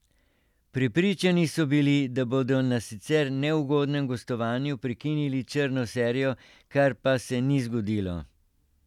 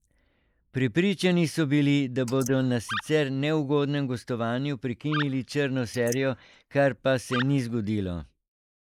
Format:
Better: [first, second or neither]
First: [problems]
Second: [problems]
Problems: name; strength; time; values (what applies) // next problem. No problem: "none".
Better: first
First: none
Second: noise reduction (neural mask model Resemble Enhance denoiser)